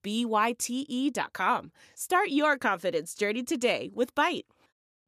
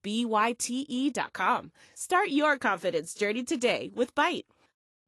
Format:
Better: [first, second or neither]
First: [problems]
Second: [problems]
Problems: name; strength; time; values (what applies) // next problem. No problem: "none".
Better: first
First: none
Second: garbled, watery; slightly; nothing above 11.5 kHz